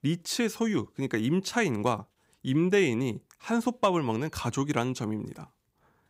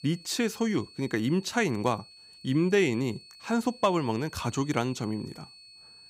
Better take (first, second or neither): first